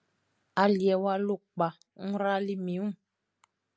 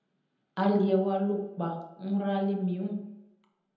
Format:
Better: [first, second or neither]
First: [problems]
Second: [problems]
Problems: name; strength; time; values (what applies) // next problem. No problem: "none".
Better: first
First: none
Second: room echo; dies away in 0.9 s